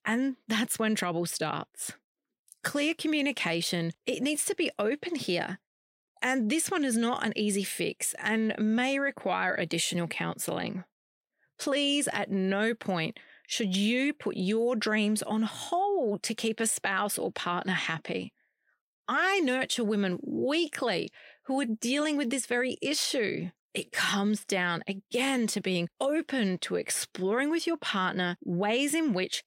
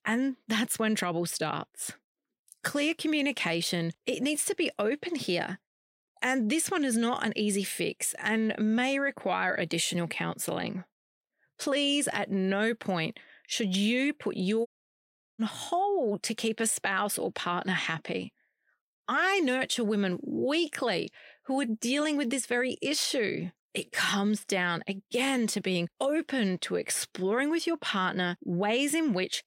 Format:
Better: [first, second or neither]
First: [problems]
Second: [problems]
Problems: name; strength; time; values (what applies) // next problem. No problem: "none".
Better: first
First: none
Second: audio cutting out; at 15 s for 0.5 s